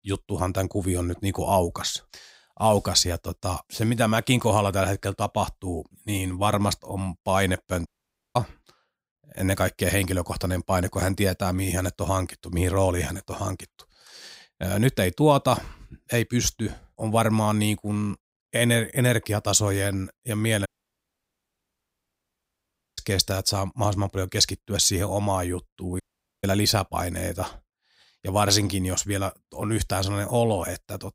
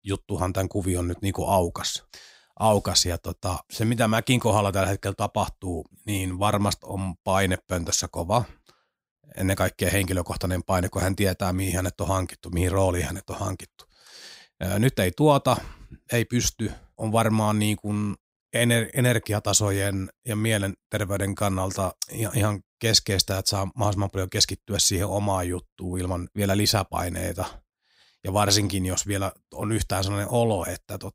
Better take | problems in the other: second | audio cutting out; at 8 s, at 21 s for 2.5 s and at 26 s

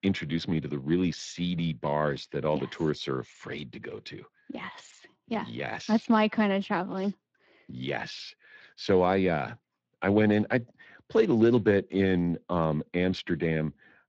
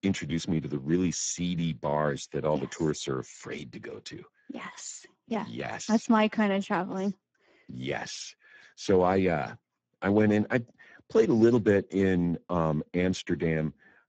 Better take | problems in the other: first | garbled, watery; badly; nothing above 7.5 kHz; slightly in the first

